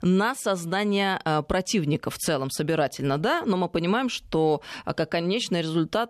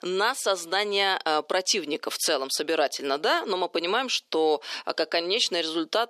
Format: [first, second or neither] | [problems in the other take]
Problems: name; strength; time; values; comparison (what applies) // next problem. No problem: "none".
first | thin; very; fading below 350 Hz